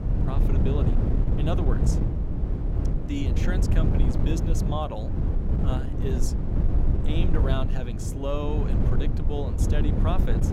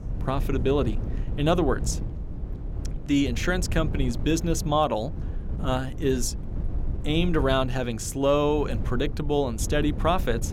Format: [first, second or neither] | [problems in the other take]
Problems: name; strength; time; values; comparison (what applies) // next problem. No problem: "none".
second | wind noise on the microphone; heavy; 2 dB below the speech; occasional gusts in the second